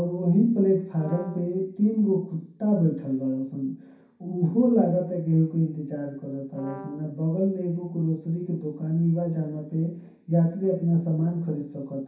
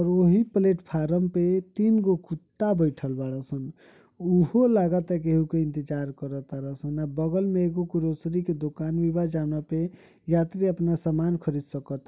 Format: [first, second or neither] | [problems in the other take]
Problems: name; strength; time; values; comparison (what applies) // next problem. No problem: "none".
second | background sound (Brass instrument); 17 dB below the speech // room echo; dies away in 0.6 s